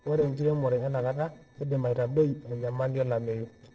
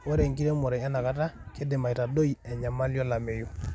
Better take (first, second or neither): second